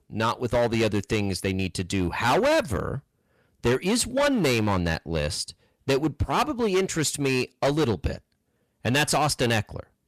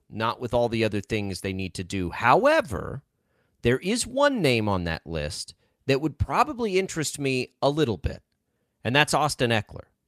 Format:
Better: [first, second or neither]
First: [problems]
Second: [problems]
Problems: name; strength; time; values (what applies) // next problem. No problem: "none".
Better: second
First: distortion; heavy; 11% of the sound clipped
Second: none